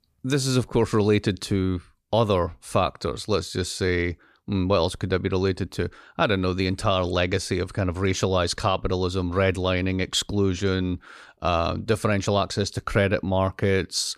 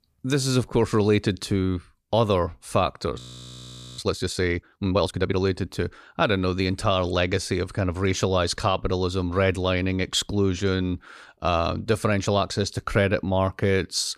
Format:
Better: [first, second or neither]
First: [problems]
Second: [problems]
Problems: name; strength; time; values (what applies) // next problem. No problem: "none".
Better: first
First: none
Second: audio freezing; at 3 s for 1 s